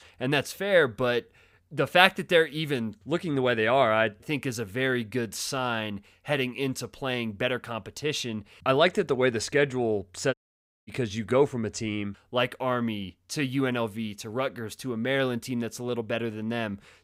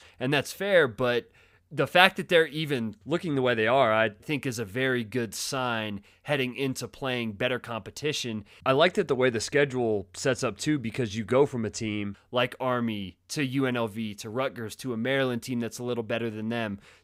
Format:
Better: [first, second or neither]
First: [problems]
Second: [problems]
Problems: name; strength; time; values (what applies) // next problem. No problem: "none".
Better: second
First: audio cutting out; at 10 s for 0.5 s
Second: none